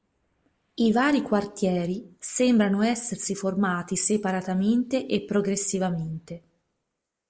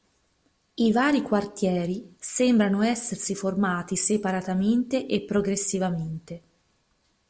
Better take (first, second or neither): second